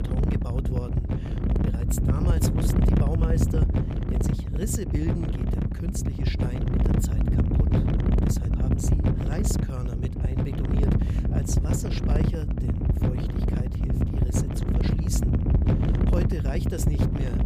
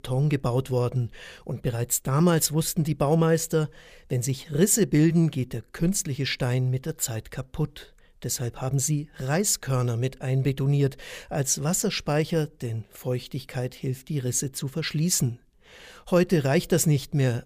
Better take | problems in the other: second | wind noise on the microphone; heavy; 4 dB above the speech

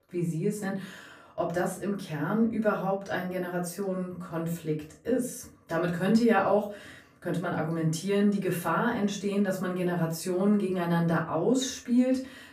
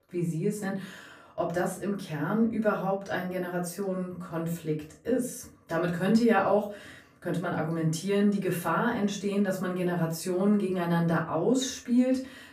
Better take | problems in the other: neither | off-mic speech; far; the same in both // room echo; slight; dies away in 0.3 s; the same in both

